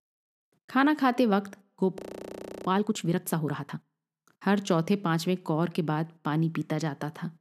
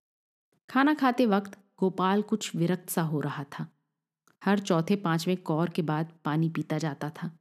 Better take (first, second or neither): second